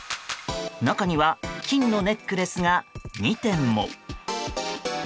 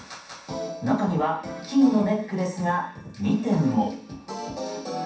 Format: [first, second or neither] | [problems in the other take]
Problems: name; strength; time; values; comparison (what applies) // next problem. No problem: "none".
first | room echo; dies away in 0.7 s